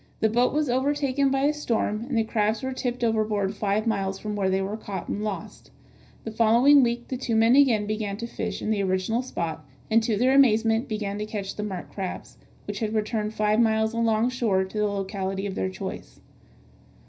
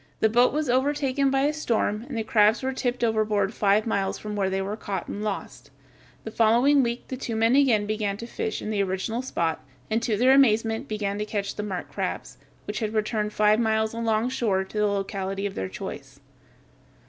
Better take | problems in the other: second | room echo; dies away in 0.4 s

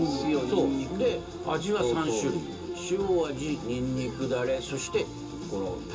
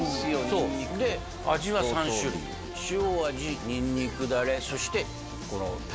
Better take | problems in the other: second | room echo; dies away in 0.2 s

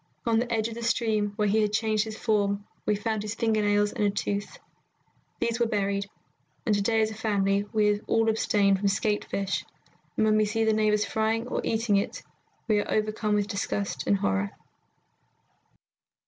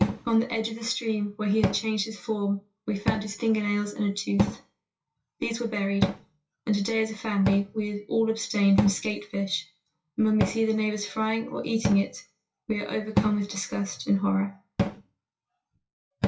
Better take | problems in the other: first | noise reduction (classical method WPE with log-MMSE)

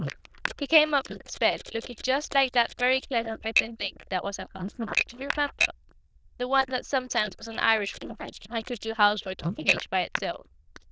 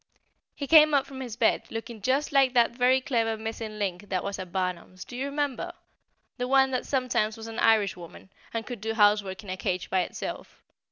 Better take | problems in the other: second | noise reduction (neural diffusion model UNIVERSE++)

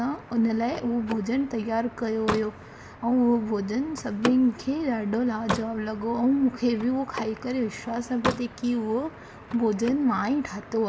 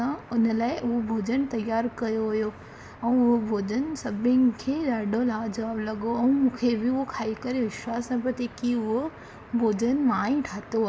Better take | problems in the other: second | background sound (Slam); 12 dB below the speech

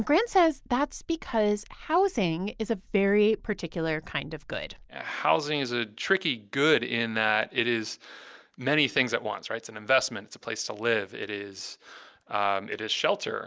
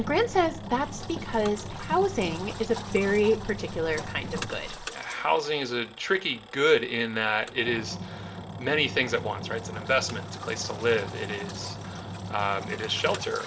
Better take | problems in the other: first | background sound (Engine); 10 dB below the speech // room echo; dies away in 0.3 s

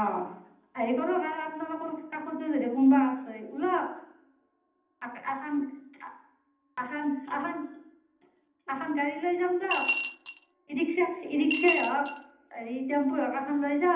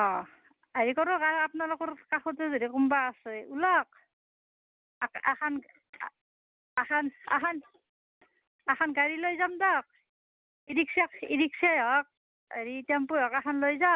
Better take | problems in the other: second | background sound (Coin (dropping) / Glass); 3 dB below the speech // room echo; dies away in 0.8 s

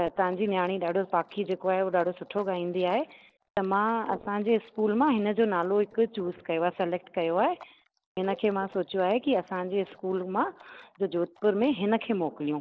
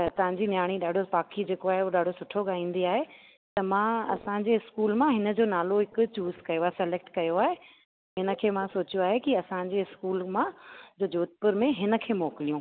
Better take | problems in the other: second | noise reduction (neural separator model SepFormer DNS4)

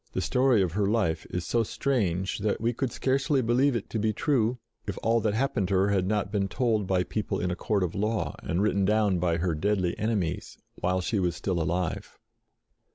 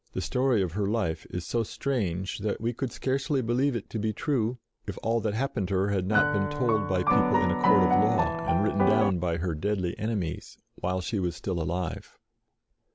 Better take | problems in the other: first | background sound (Piano); 2 dB above the speech

